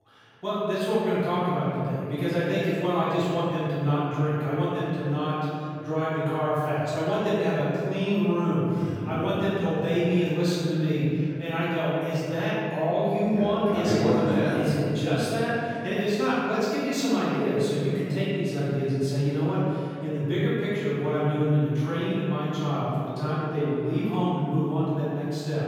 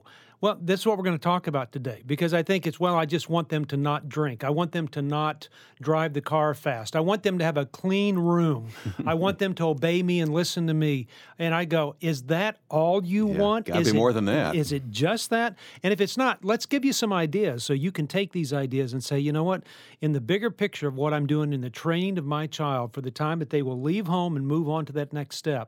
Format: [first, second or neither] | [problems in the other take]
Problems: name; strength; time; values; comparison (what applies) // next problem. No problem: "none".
second | room echo; strong; dies away in 2.6 s // off-mic speech; far